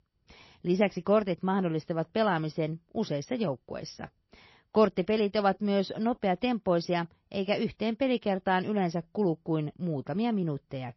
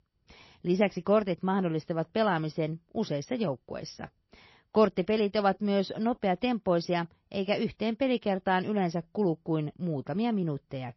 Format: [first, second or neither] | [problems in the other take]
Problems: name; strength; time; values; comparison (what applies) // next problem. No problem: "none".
neither | garbled, watery; slightly; nothing above 6 kHz; the same in both